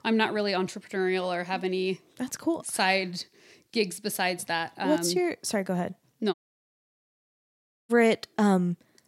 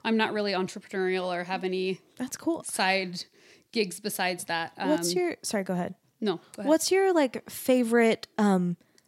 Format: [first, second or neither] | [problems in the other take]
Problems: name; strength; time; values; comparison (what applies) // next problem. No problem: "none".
second | audio cutting out; at 6.5 s for 1.5 s